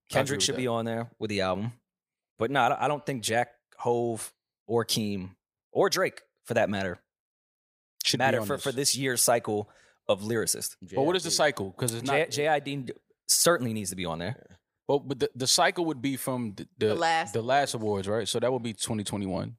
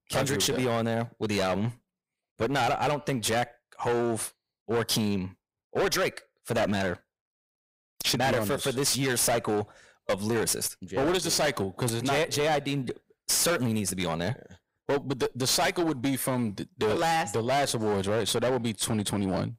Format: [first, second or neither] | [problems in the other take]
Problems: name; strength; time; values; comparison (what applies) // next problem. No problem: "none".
first | distortion; heavy; 19% of the sound clipped